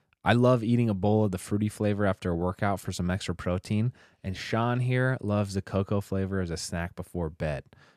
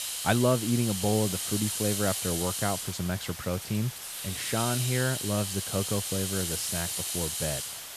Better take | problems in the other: first | hiss; loud; throughout; 1 dB below the speech

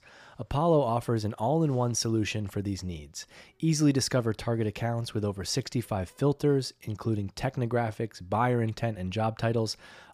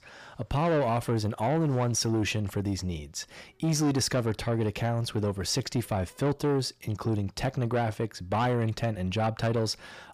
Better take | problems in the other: first | distortion; slight; 10 dB below the speech

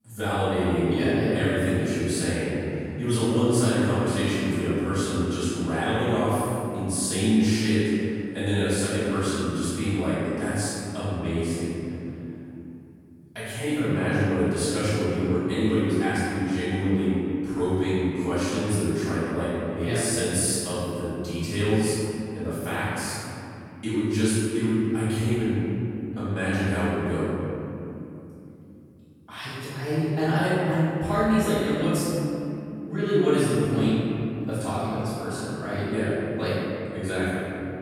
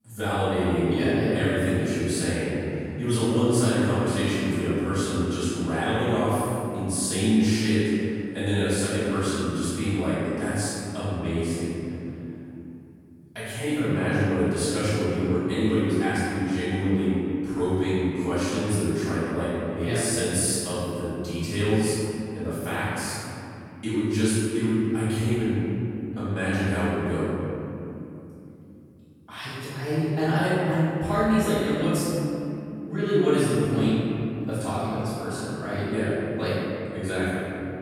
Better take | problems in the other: neither | off-mic speech; far; the same in both // room echo; strong; dies away in 3 s; the same in both

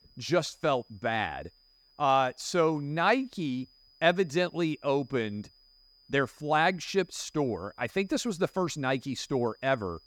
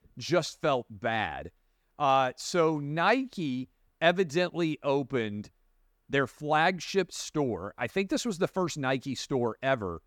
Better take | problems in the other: second | high-pitched whine; faint; throughout; 5 kHz, 30 dB below the speech

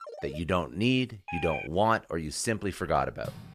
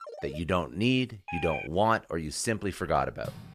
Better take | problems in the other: neither | phone ringing; faint; at the start; peak 15 dB below the speech; the same in both // siren; noticeable; at 1.5 s; peak 5 dB below the speech; the same in both // door banging; very faint; at 3 s; peak 15 dB below the speech; the same in both

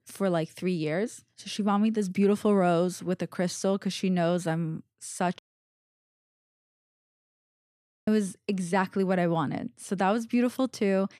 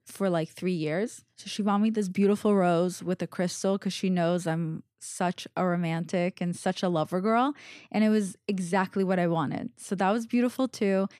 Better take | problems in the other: second | audio cutting out; at 5.5 s for 2.5 s

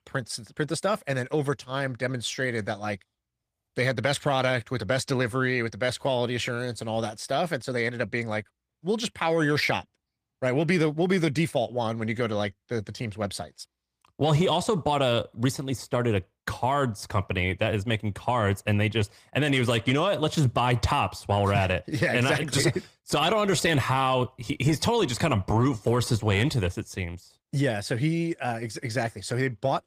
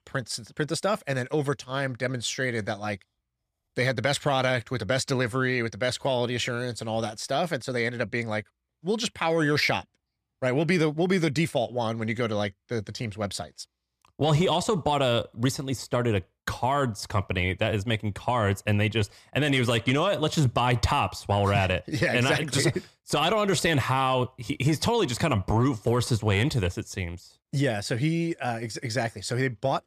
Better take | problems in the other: second | garbled, watery; slightly; nothing above 15 kHz

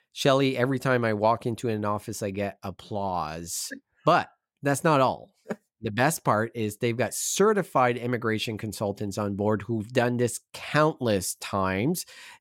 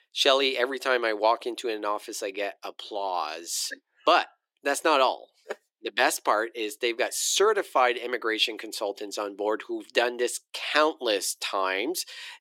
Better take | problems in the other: first | thin; very; fading below 350 Hz

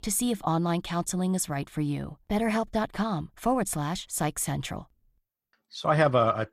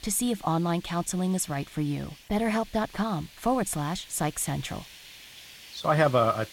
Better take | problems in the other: first | hiss; noticeable; throughout; 20 dB below the speech

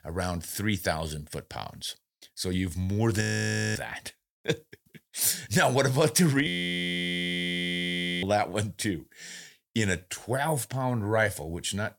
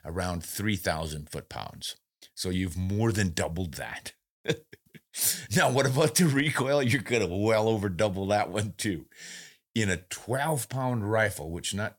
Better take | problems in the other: second | audio freezing; at 3 s for 0.5 s and at 6.5 s for 2 s

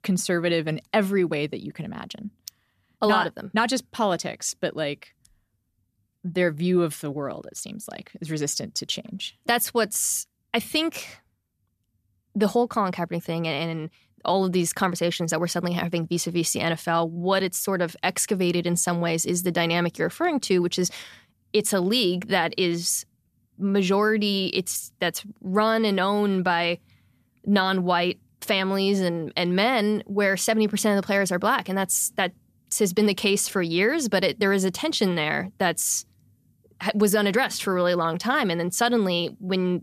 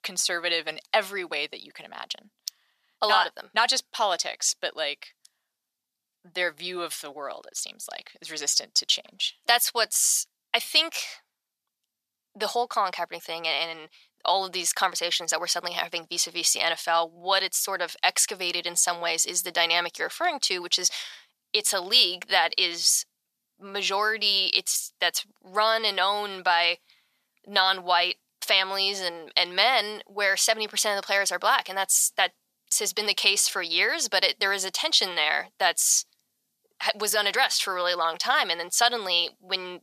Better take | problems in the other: first | thin; very; fading below 750 Hz

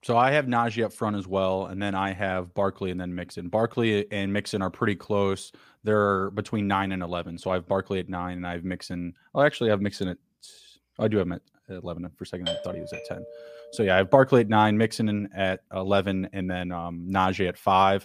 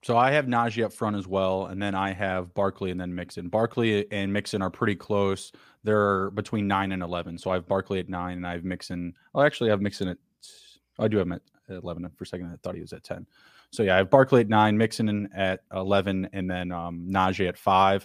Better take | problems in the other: second | doorbell; noticeable; from 12 to 14 s; peak 5 dB below the speech

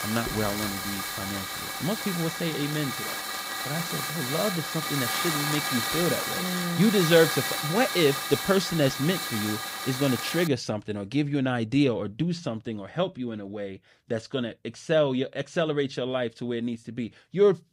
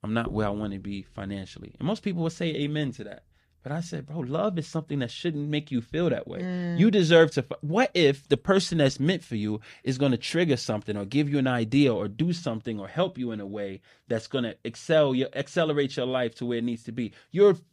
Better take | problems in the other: second | hiss; loud; until 10 s; 2 dB below the speech

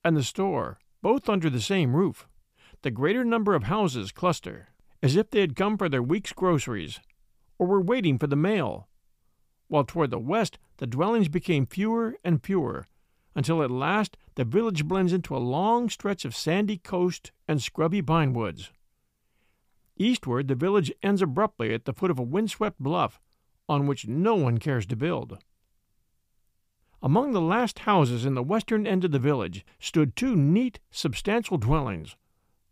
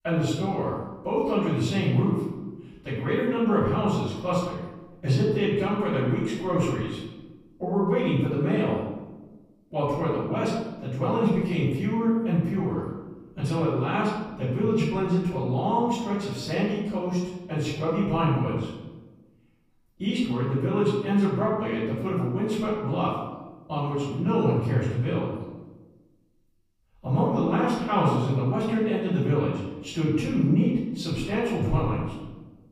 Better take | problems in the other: first | room echo; noticeable; dies away in 1 s // off-mic speech; far

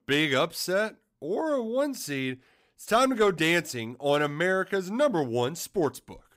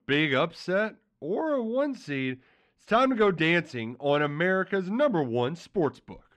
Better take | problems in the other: first | muffled; slightly; fading above 2.5 kHz

